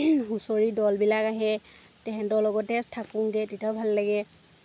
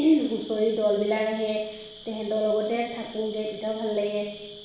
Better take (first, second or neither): first